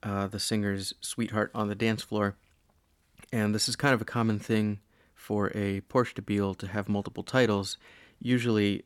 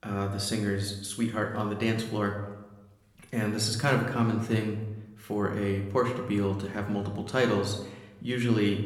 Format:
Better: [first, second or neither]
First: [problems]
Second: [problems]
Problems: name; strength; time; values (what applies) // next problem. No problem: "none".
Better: first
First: none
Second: room echo; slight; dies away in 0.8 s // off-mic speech; somewhat distant